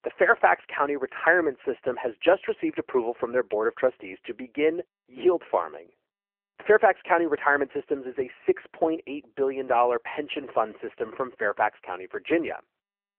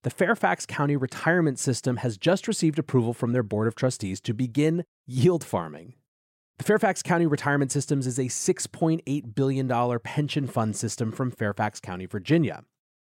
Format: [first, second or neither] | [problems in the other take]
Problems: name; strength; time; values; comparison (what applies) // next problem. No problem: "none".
second | phone-call audio; poor line